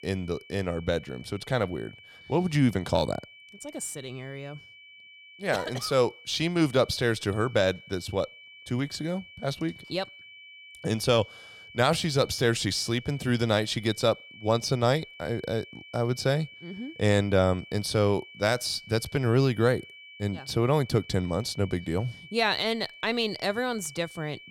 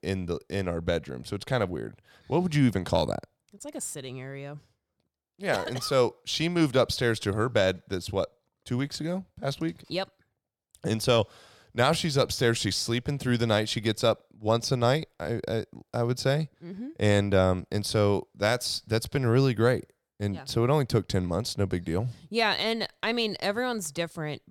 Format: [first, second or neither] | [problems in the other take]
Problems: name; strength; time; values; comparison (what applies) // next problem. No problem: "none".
second | high-pitched whine; noticeable; throughout; 2.5 kHz, 20 dB below the speech